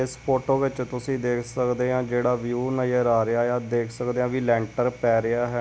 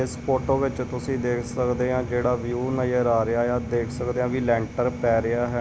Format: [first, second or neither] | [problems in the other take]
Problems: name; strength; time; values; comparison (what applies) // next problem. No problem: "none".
first | background sound (Boat, Water vehicle); 9 dB below the speech